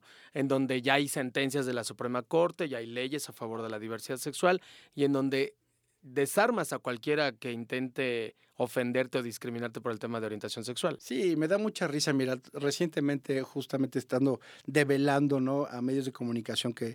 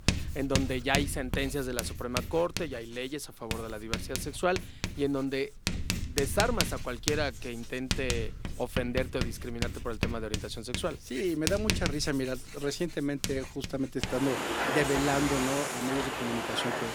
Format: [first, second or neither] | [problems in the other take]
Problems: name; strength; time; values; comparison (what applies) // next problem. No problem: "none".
first | household noises; loud; throughout; 1 dB below the speech